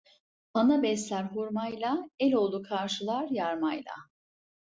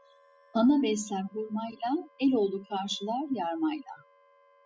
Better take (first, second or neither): first